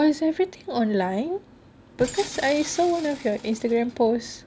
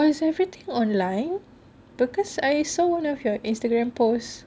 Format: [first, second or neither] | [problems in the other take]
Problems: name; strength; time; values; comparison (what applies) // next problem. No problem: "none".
second | background sound (Tools); 15 dB below the speech